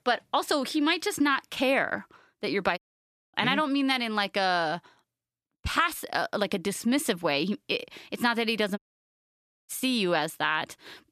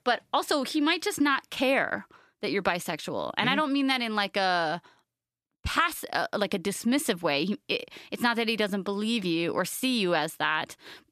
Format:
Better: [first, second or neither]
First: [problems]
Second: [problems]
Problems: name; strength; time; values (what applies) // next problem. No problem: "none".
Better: second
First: audio cutting out; at 3 s for 0.5 s and at 9 s for 1 s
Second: none